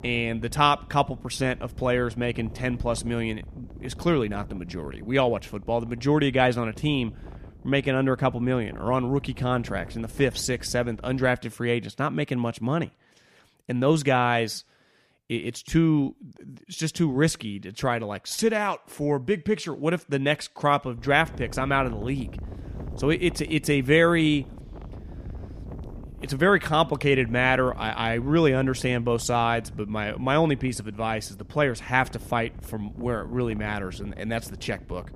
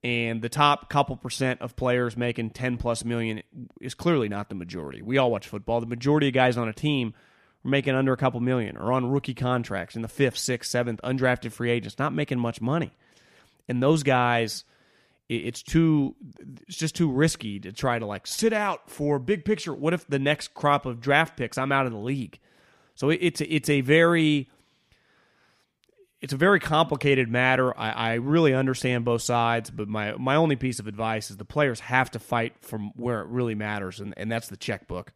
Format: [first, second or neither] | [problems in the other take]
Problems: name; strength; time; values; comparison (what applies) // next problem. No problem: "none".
second | wind noise on the microphone; occasional gusts; until 11 s and from 21 s on; 25 dB below the speech